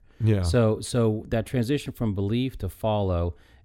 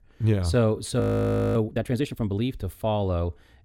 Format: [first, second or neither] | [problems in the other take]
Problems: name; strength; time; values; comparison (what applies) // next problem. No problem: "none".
first | audio freezing; at 1 s for 0.5 s